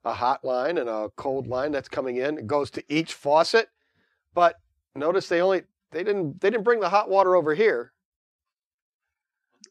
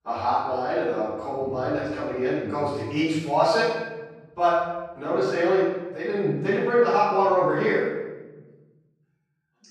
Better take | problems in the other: first | room echo; strong; dies away in 1.4 s // off-mic speech; far

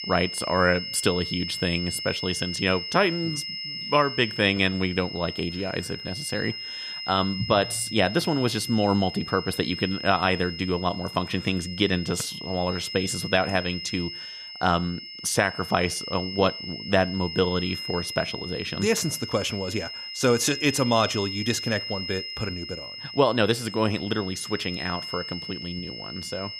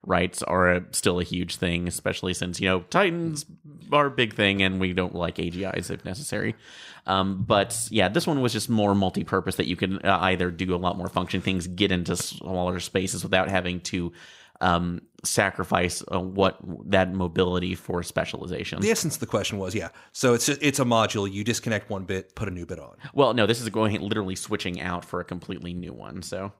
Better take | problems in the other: second | high-pitched whine; loud; throughout; 5 kHz, 7 dB below the speech

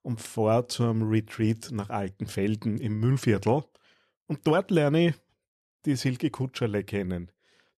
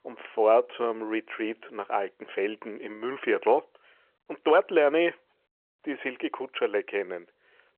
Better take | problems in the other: first | phone-call audio

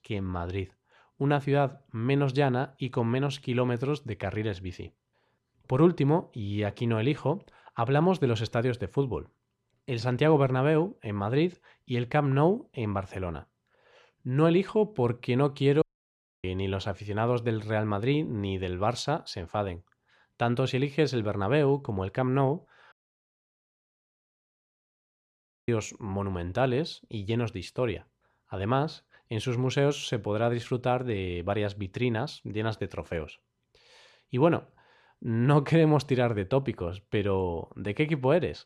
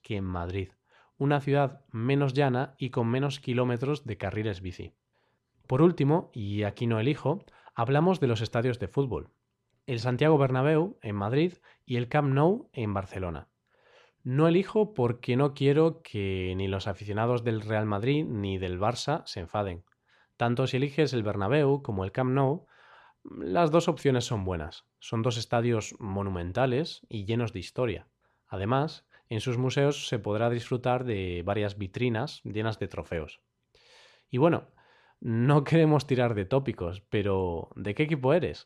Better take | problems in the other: second | audio cutting out; at 16 s for 0.5 s and at 23 s for 3 s

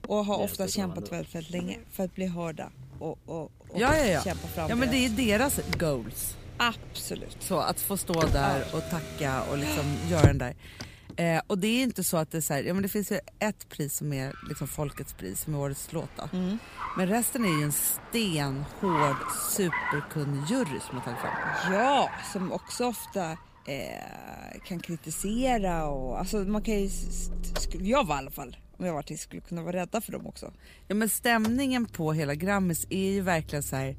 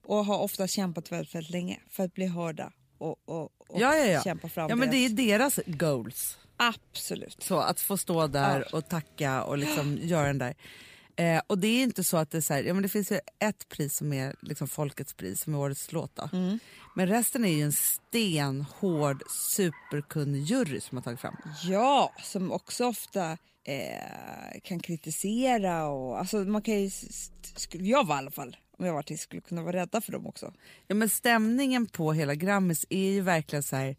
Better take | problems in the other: second | traffic noise; loud; throughout; 6 dB below the speech; faint in the second

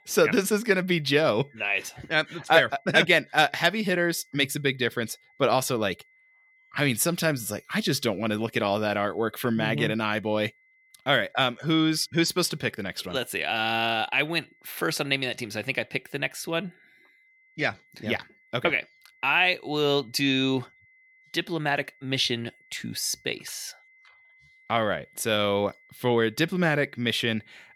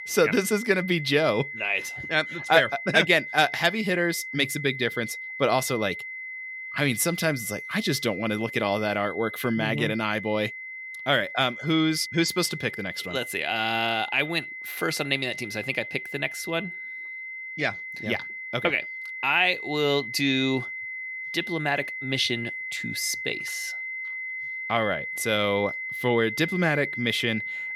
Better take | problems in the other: first | high-pitched whine; loud; throughout; 2 kHz, 8 dB below the speech; faint in the first

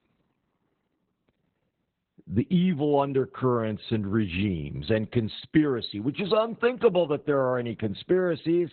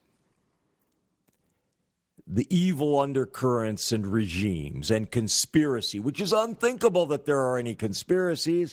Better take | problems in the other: second | garbled, watery; badly; nothing above 4 kHz; slightly in the second

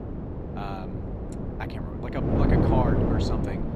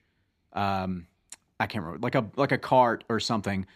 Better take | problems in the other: second | wind noise on the microphone; heavy; 2 dB above the speech

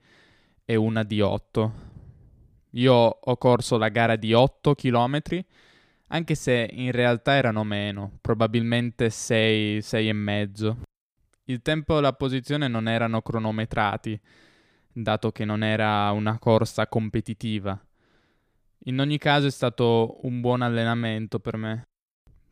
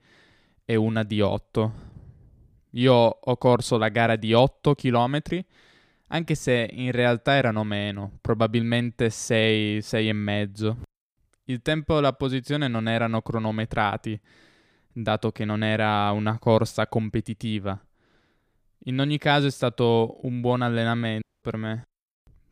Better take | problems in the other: first | audio cutting out; at 21 s

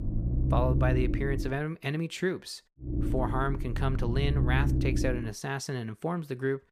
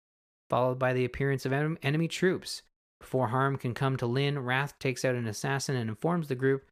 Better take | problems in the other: second | low rumble; loud; until 1.5 s and from 3 to 5.5 s; 6 dB below the speech

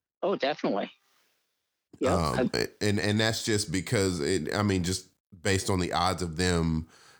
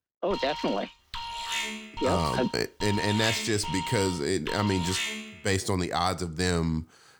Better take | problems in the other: first | alarm; noticeable; until 5.5 s; peak 1 dB below the speech

